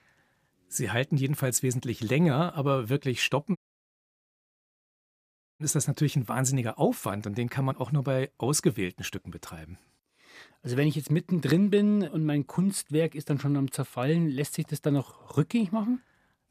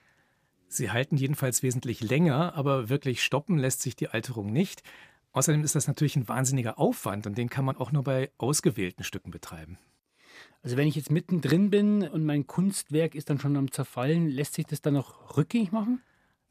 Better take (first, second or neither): second